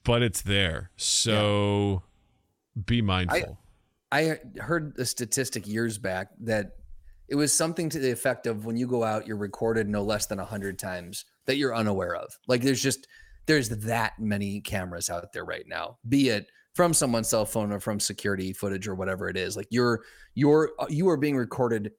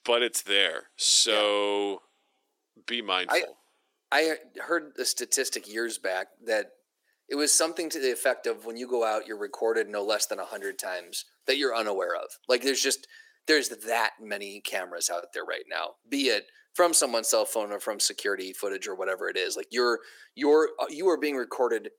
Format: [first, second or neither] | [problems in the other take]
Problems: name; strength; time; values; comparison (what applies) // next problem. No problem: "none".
first | thin; somewhat; fading below 350 Hz